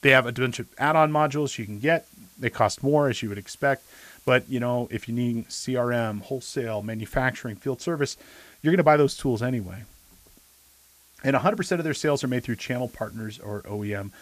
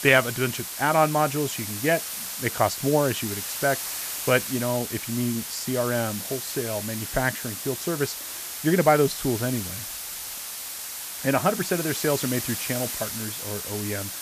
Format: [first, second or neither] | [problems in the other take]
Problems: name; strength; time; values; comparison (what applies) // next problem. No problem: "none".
first | hiss; loud; throughout; 5 dB below the speech; faint in the first